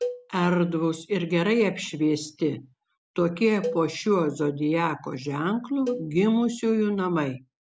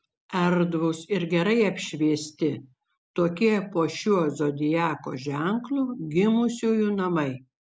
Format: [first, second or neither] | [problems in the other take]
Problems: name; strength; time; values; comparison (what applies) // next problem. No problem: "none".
second | background sound (Cowbell); 13 dB below the speech